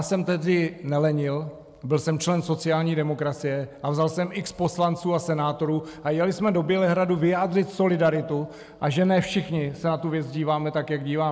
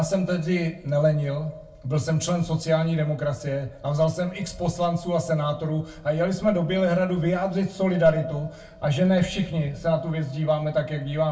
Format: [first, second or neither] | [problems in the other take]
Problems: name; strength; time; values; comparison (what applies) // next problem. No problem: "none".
first | room echo; dies away in 0.2 s